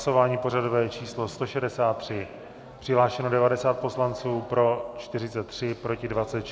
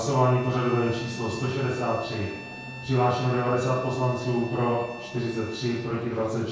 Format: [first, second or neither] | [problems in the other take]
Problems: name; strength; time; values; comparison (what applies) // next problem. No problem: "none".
first | background sound (Bowed string instrument); 17 dB below the speech // room echo; dies away in 0.6 s